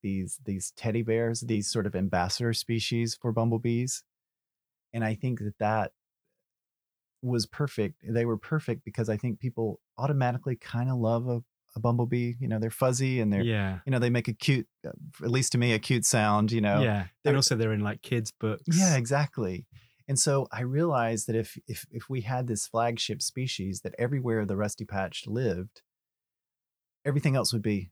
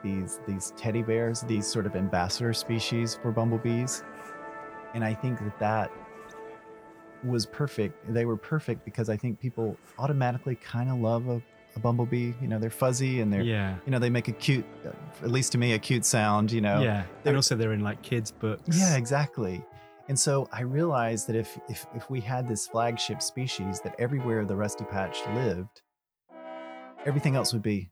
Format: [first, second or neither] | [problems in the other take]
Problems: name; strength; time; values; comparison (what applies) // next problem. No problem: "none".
first | background music; noticeable; throughout; 15 dB below the speech